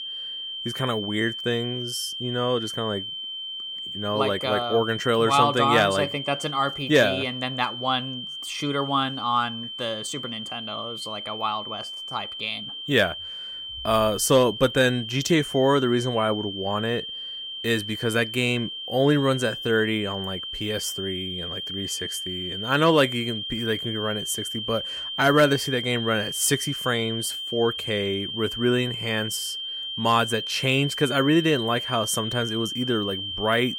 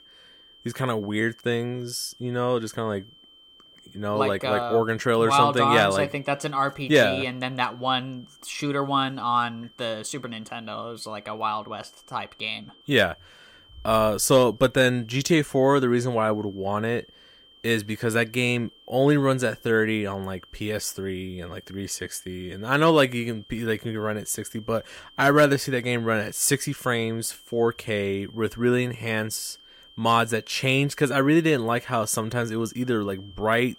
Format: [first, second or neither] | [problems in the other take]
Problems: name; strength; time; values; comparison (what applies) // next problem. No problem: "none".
second | high-pitched whine; loud; throughout; 3 kHz, 6 dB below the speech; faint in the second